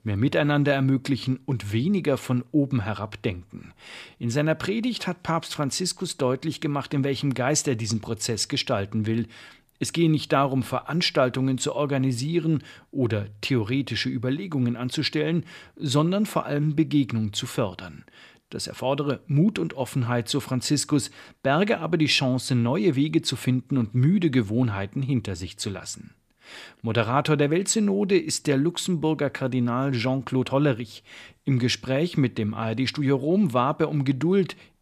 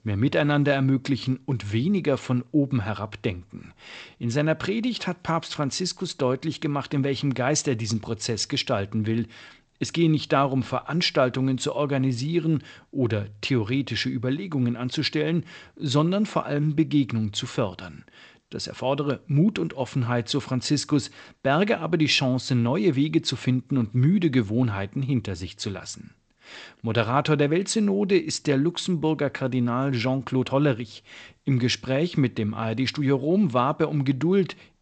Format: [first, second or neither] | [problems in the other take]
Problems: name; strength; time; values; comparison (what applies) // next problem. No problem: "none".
first | garbled, watery; slightly; nothing above 8 kHz